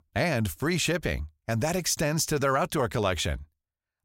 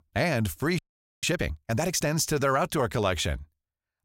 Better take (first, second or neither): first